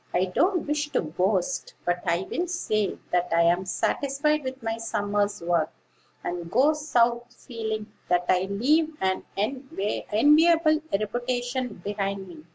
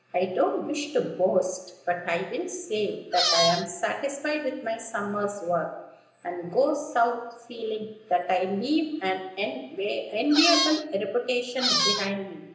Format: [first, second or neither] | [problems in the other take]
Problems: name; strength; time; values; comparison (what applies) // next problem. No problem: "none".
first | background sound (Squeak); 2 dB above the speech // room echo; dies away in 0.9 s